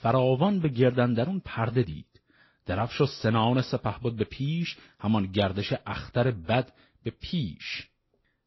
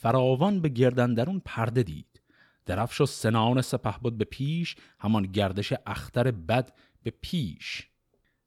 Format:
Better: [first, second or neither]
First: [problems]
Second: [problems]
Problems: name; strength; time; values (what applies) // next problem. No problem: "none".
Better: second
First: garbled, watery; slightly; nothing above 5.5 kHz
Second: none